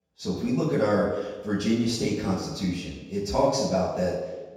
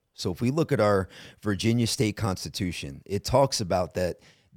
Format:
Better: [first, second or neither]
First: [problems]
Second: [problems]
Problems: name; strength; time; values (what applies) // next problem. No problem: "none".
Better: second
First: room echo; noticeable; dies away in 1.1 s // off-mic speech; far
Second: none